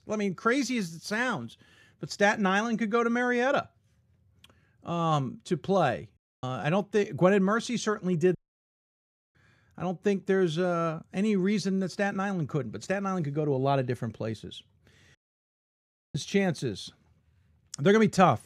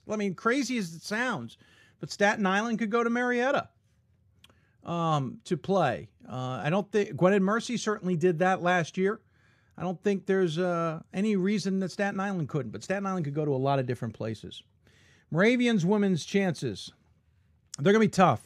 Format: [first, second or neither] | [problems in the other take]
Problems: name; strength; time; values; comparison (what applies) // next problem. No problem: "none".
second | audio cutting out; at 6 s, at 8.5 s for 1 s and at 15 s for 1 s